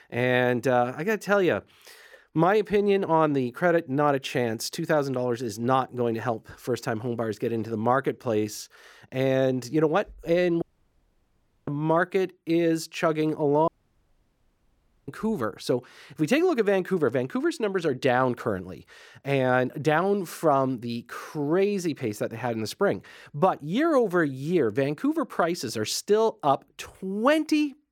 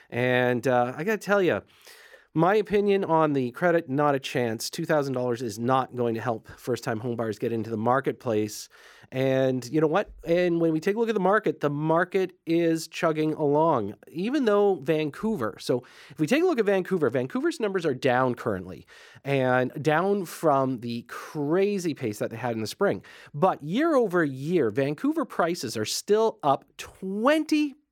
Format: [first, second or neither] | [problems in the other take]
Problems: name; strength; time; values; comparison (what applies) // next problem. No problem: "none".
second | audio cutting out; at 11 s for 1 s and at 14 s for 1.5 s